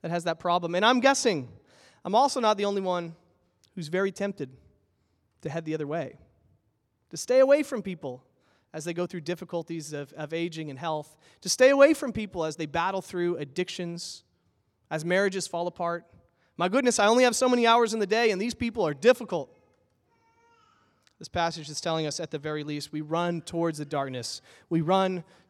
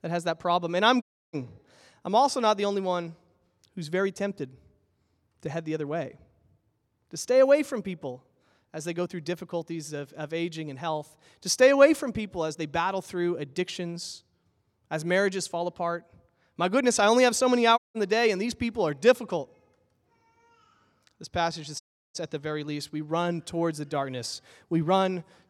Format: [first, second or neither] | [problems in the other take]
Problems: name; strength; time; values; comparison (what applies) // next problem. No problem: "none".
first | audio cutting out; at 1 s, at 18 s and at 22 s